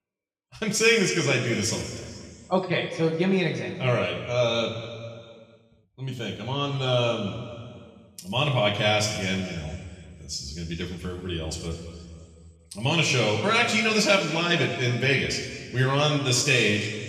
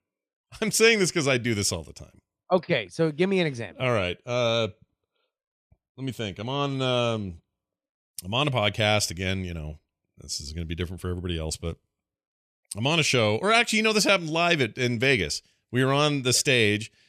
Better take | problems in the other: second | room echo; noticeable; dies away in 2.2 s // off-mic speech; far

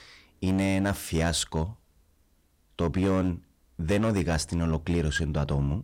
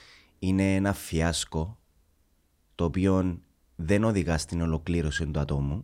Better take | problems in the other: second | distortion; slight; 7% of the sound clipped

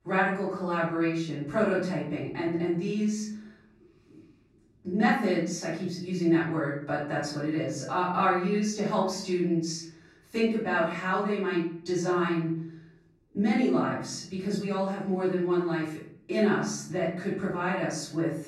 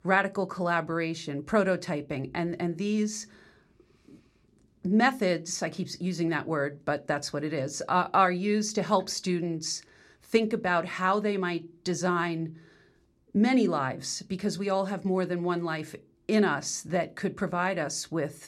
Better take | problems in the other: second | off-mic speech; far // room echo; noticeable; dies away in 0.6 s

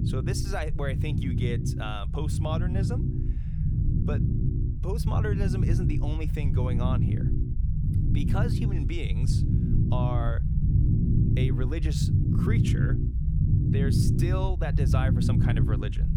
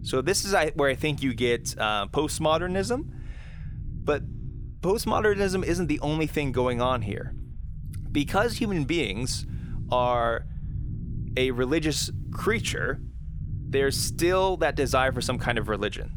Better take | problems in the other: second | low rumble; loud; throughout; 1 dB below the speech; faint in the second

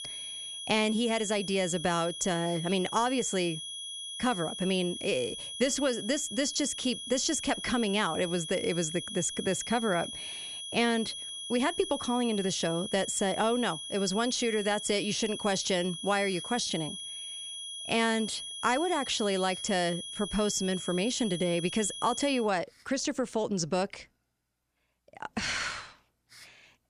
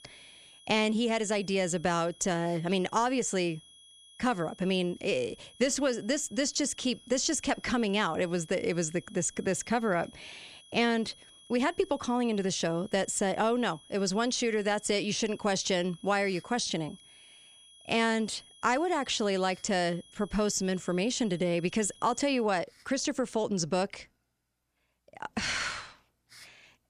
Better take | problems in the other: second | high-pitched whine; loud; until 22 s; 3.5 kHz, 7 dB below the speech; faint in the second

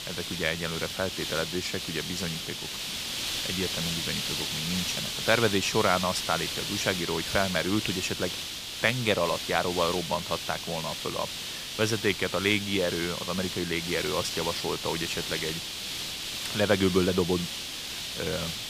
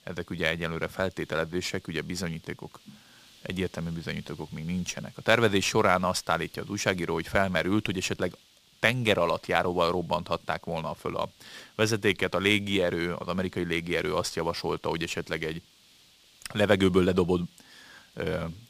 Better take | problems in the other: second | hiss; loud; throughout; 2 dB below the speech; faint in the second

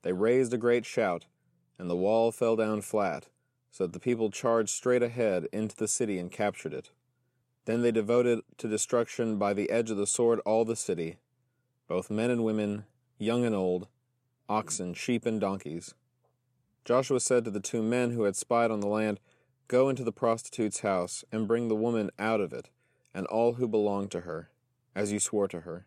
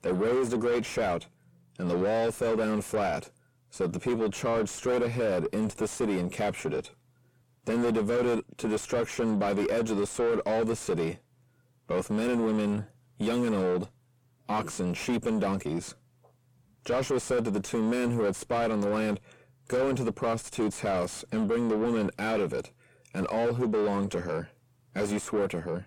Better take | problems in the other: first | distortion; heavy; 6 dB below the speech

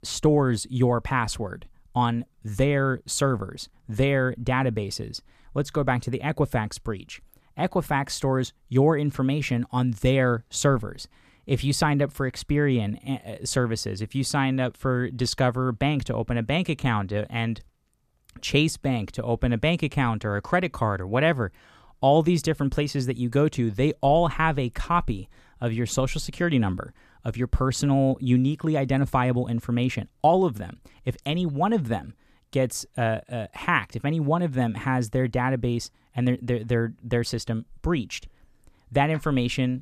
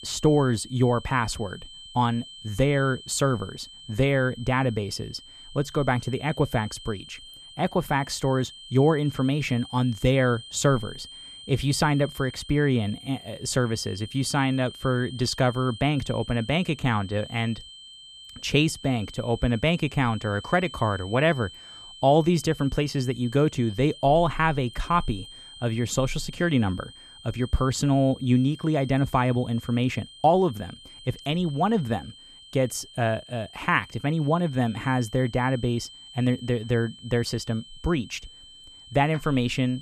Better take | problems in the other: first | high-pitched whine; noticeable; throughout; 3 kHz, 20 dB below the speech

